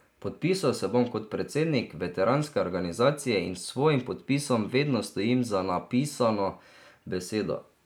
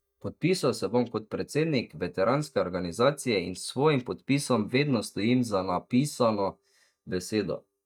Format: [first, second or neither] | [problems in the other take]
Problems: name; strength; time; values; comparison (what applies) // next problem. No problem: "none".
first | noise reduction (neural mask model DeepFilterNet 3)